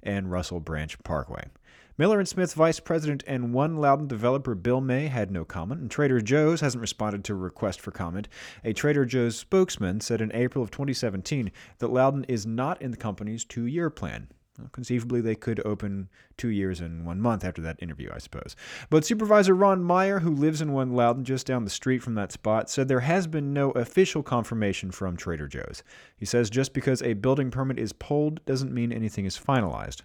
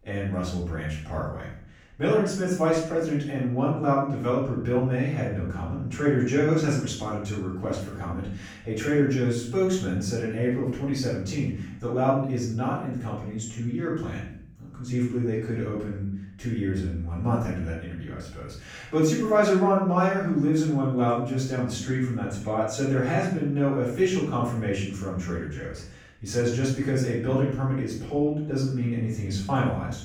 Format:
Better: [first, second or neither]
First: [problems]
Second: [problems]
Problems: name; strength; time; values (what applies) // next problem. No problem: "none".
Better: first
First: none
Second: off-mic speech; far // room echo; noticeable; dies away in 0.6 s